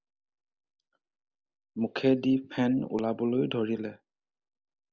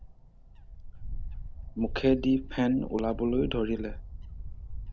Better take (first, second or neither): first